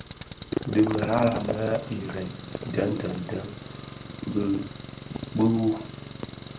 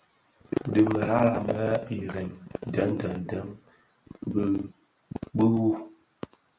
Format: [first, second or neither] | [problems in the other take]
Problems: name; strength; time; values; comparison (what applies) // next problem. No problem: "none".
second | background sound (Engine); 12 dB below the speech